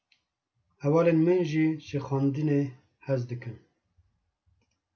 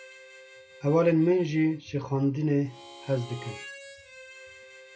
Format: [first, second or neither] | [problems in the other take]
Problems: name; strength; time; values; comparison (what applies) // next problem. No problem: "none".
first | background sound (Harmonica); 19 dB below the speech